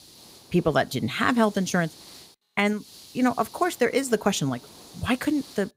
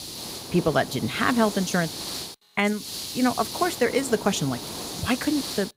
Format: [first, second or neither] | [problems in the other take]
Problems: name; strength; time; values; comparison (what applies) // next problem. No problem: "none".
first | hiss; loud; throughout; 8 dB below the speech; faint in the first